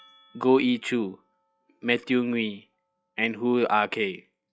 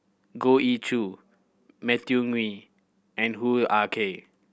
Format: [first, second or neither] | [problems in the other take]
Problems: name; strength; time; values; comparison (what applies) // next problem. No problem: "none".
second | noise reduction (classical method log-MMSE)